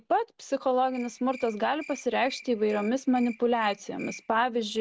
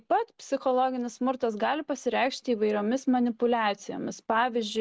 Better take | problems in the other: second | background sound (Cricket); 20 dB below the speech

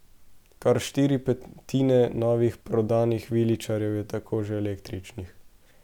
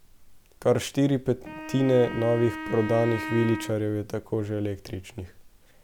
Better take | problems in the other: first | background sound (Wind instrument, woodwind instrument); 10 dB below the speech

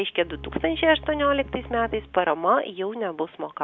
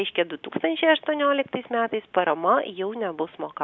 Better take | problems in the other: second | background sound (Bowed string instrument); 17 dB below the speech

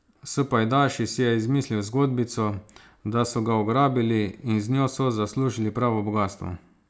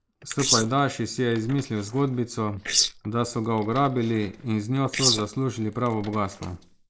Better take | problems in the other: first | noise reduction (neural mask model Resemble Enhance denoiser)

